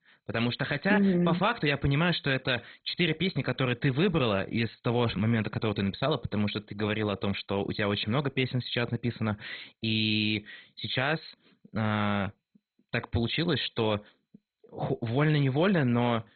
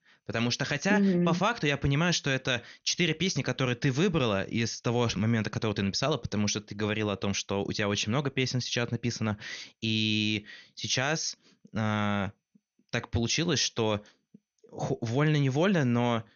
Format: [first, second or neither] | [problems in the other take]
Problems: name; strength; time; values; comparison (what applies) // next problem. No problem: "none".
second | garbled, watery; badly; nothing above 4 kHz; slightly in the second